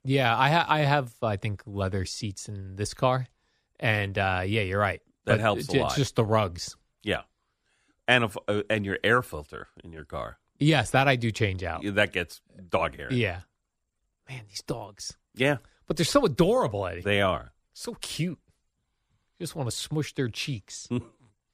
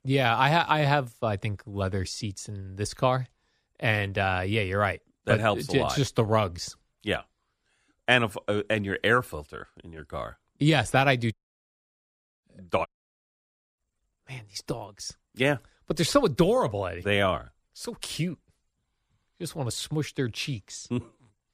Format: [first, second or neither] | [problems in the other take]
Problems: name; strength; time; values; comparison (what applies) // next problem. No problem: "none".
first | audio cutting out; at 11 s for 1 s and at 13 s for 1 s